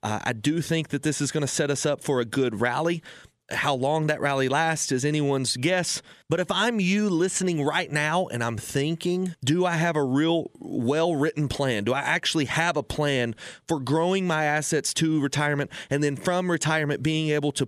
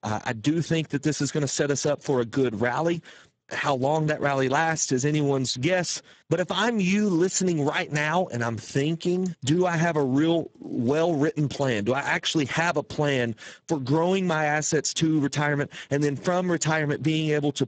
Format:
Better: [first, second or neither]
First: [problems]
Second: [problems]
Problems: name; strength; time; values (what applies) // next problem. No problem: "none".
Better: first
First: none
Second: garbled, watery; badly; nothing above 7.5 kHz